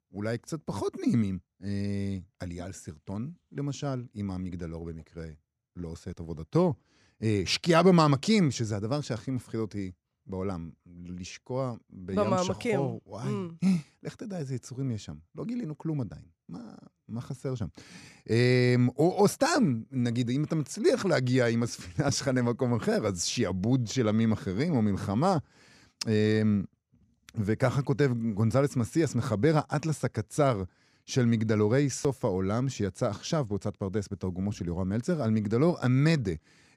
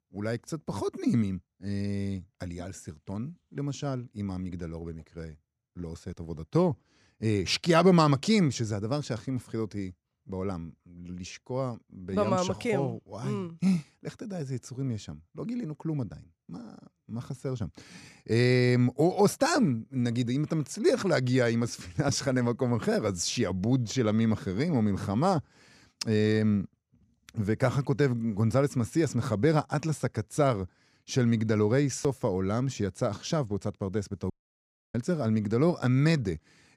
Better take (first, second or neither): first